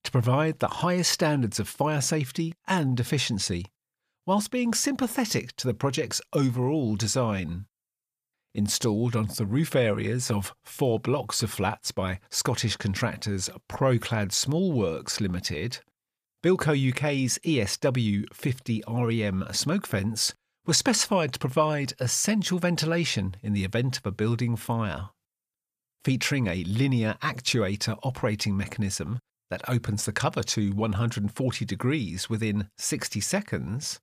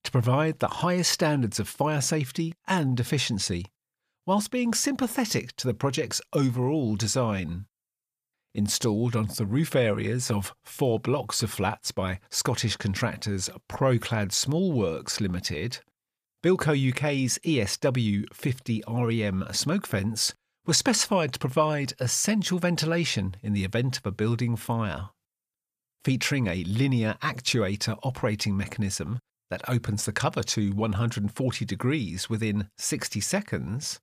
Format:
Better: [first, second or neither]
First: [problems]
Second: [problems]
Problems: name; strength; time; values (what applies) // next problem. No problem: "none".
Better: neither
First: none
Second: none